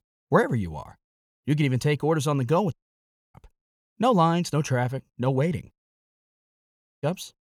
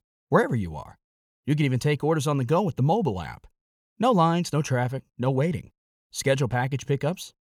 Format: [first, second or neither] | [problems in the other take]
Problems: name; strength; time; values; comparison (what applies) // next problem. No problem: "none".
second | audio cutting out; at 2.5 s for 0.5 s and at 6 s for 1 s